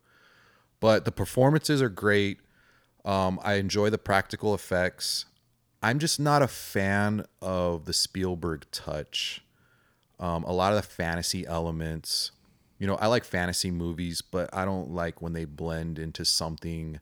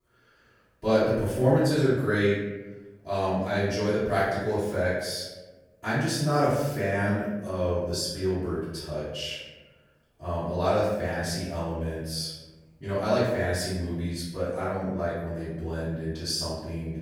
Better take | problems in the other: first | off-mic speech; far // room echo; strong; dies away in 1 s

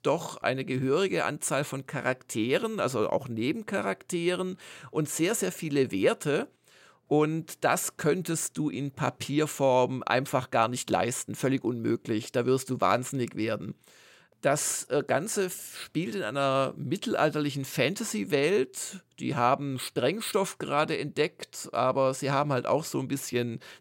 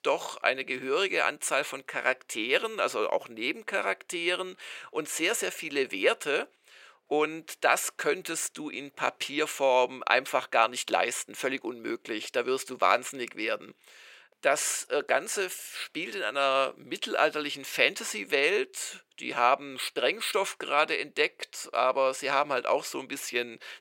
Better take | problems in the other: first | thin; somewhat; fading below 500 Hz

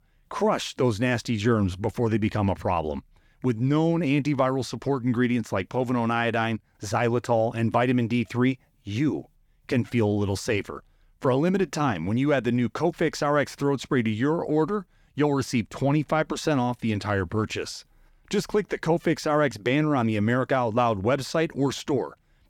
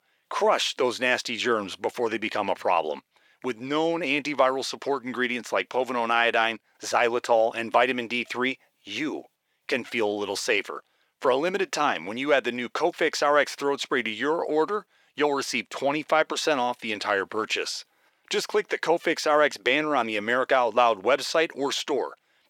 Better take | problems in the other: first | thin; somewhat; fading below 500 Hz

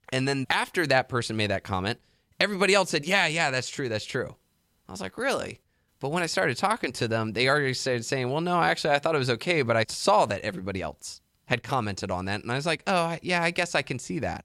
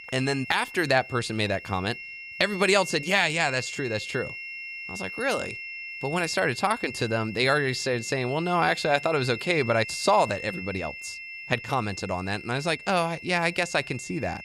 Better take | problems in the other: first | high-pitched whine; noticeable; throughout; 2.5 kHz, 10 dB below the speech

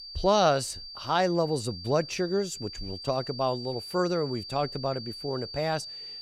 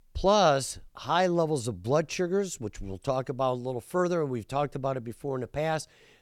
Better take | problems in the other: second | high-pitched whine; noticeable; throughout; 4.5 kHz, 10 dB below the speech

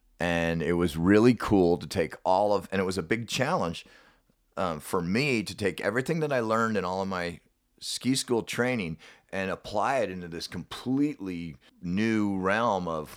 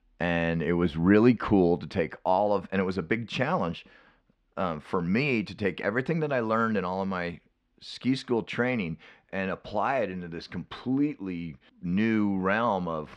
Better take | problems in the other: first | muffled; slightly; fading above 3 kHz

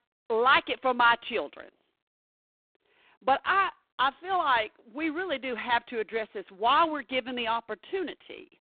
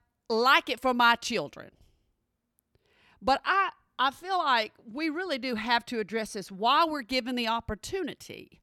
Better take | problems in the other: second | phone-call audio; poor line; nothing above 3.5 kHz

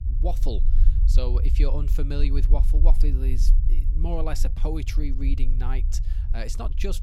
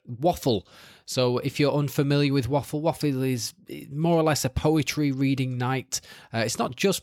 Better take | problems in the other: second | low rumble; loud; throughout; 10 dB below the speech

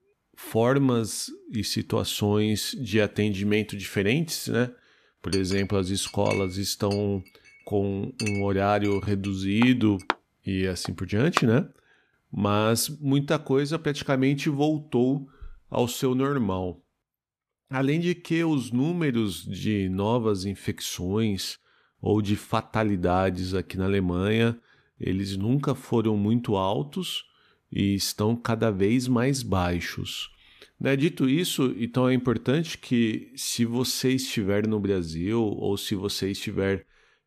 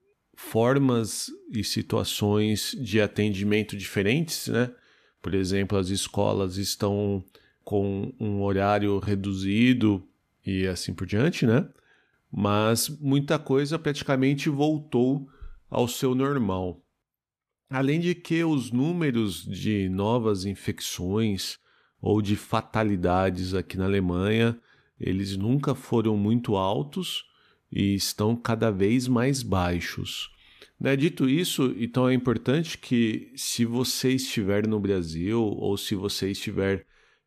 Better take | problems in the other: second | clattering dishes; noticeable; from 5.5 to 11 s; peak 3 dB below the speech

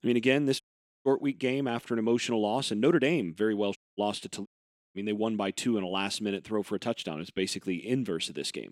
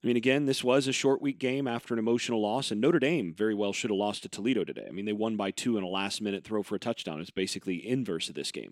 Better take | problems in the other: second | audio cutting out; at 0.5 s, at 4 s and at 4.5 s

